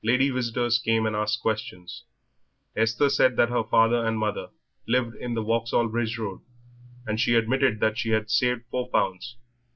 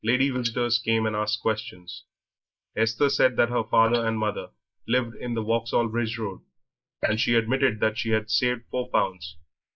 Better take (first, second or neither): first